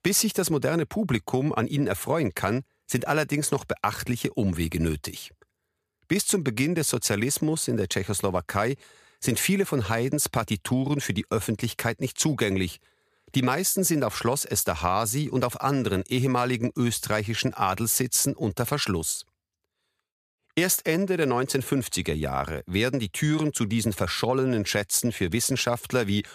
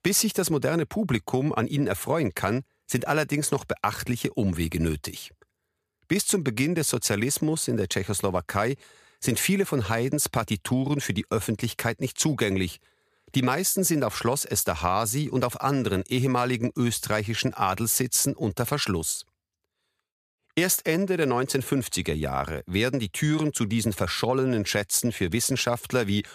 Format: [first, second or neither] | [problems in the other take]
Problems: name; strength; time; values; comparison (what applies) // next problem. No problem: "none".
neither | none